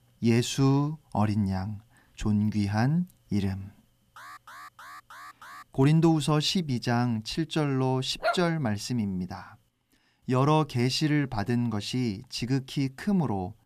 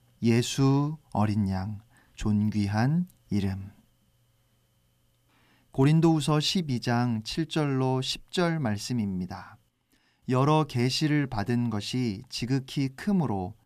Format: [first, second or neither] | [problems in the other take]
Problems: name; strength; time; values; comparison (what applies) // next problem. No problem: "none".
second | alarm; faint; from 4 to 5.5 s; peak 20 dB below the speech // dog barking; noticeable; at 8 s; peak 3 dB below the speech